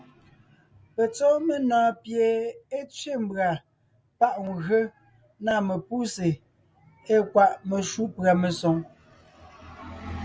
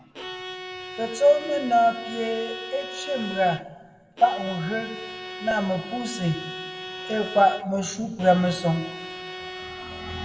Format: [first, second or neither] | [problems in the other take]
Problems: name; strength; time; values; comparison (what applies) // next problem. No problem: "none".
first | background sound (Bowed string instrument); 11 dB below the speech // room echo; dies away in 1.2 s